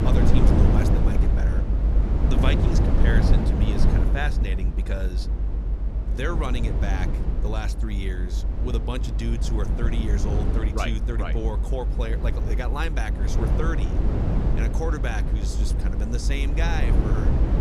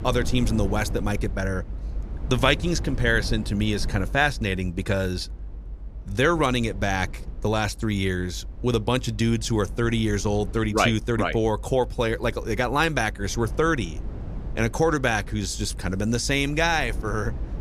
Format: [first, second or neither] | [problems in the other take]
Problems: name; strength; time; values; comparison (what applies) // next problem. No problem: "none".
second | low rumble; loud; throughout; 1 dB below the speech; faint in the second